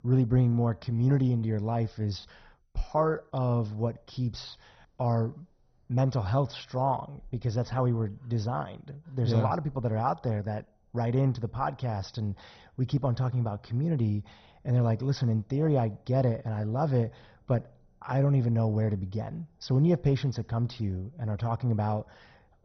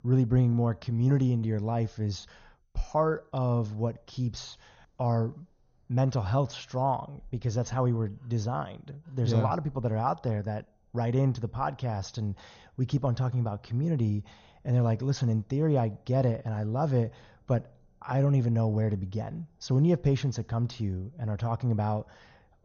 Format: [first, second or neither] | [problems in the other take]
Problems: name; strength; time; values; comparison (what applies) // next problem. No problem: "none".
second | garbled, watery; badly; nothing above 6 kHz; slightly in the second